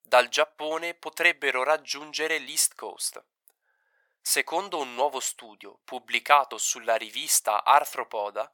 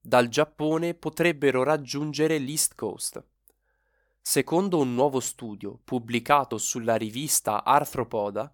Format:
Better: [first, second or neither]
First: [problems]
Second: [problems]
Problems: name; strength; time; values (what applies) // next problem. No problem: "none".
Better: second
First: thin; very; fading below 800 Hz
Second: none